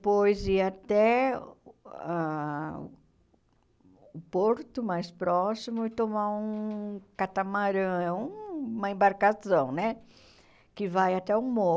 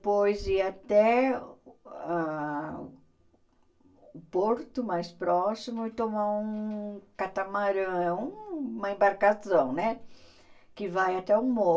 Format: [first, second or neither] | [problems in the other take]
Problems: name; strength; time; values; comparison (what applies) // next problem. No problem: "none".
first | room echo; dies away in 0.2 s